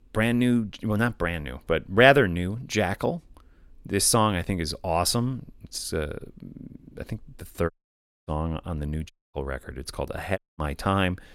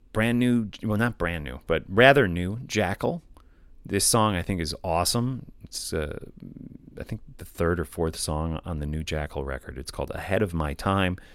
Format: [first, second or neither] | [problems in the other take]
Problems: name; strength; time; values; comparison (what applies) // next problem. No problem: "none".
second | audio cutting out; at 7.5 s for 0.5 s, at 9 s and at 10 s